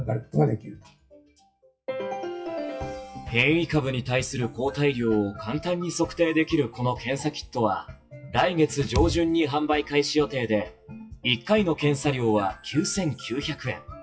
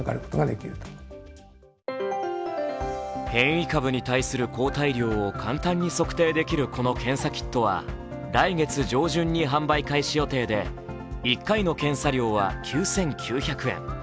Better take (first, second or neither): second